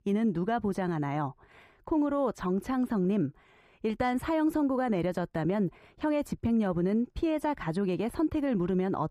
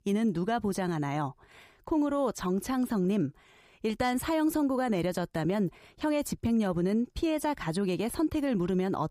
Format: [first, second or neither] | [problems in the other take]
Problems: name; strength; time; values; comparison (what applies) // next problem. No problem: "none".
second | muffled; slightly; fading above 3 kHz